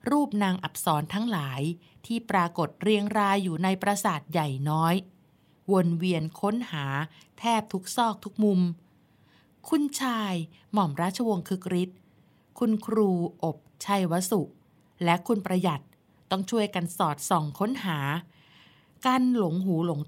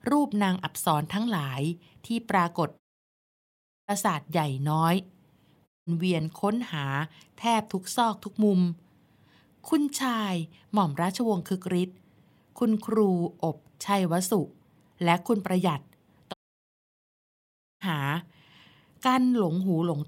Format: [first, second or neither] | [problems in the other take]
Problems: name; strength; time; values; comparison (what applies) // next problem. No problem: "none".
first | audio cutting out; at 3 s for 1 s, at 5.5 s and at 16 s for 1.5 s